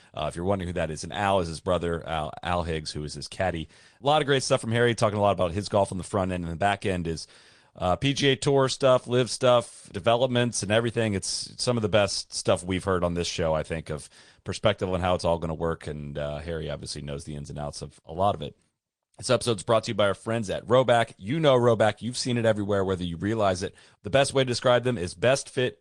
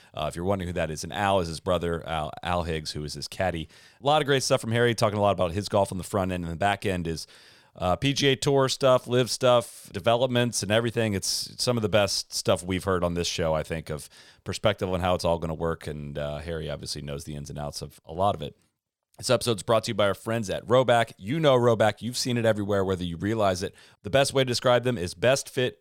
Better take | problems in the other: second | garbled, watery; slightly; nothing above 10 kHz

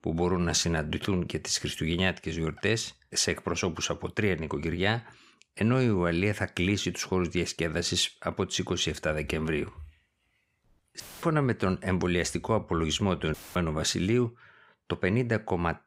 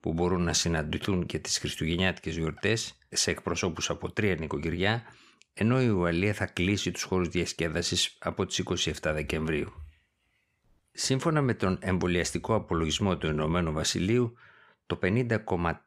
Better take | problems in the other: second | audio cutting out; filled with static; at 11 s and at 13 s

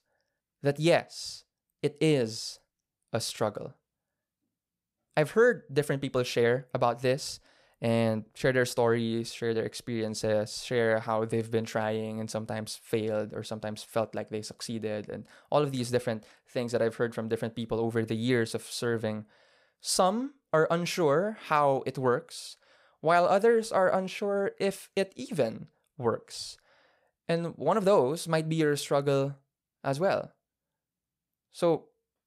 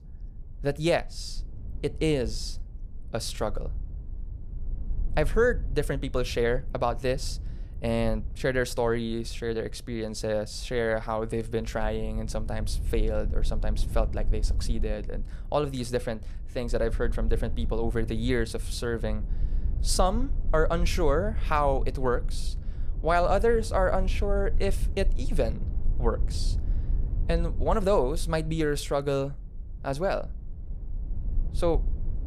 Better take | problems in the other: first | low rumble; faint; throughout; 25 dB below the speech

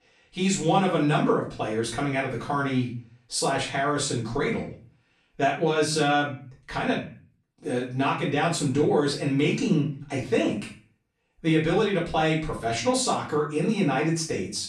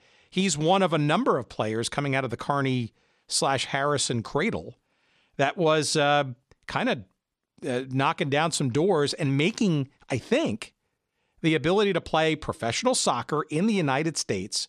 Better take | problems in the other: second | room echo; slight; dies away in 0.4 s // off-mic speech; far

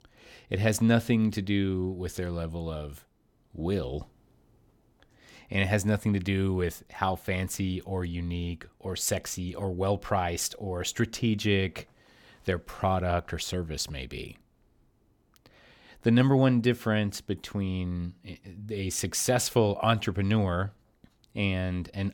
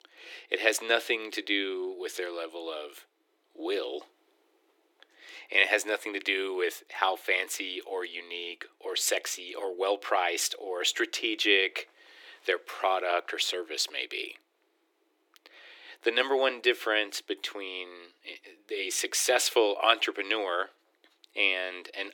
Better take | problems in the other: first | thin; very; fading below 300 Hz

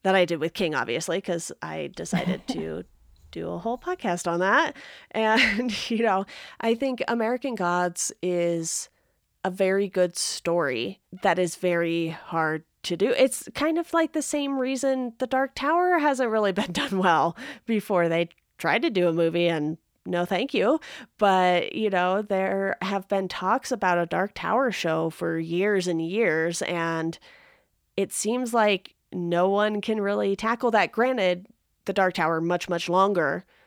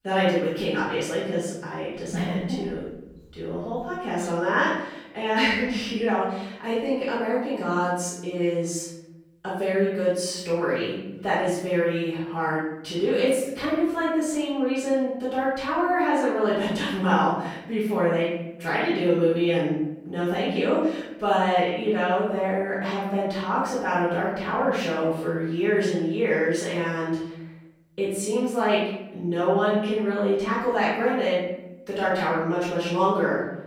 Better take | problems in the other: first | off-mic speech; far // room echo; noticeable; dies away in 0.9 s

